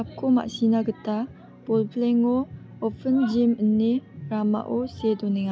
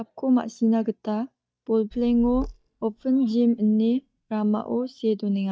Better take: first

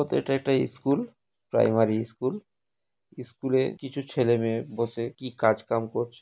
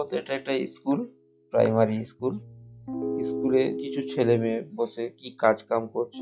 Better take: first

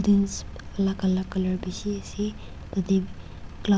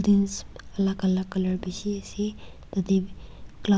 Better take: second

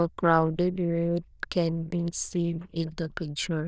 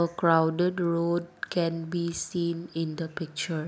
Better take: second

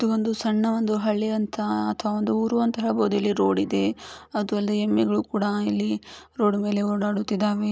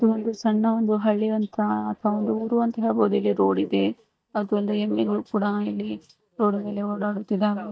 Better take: first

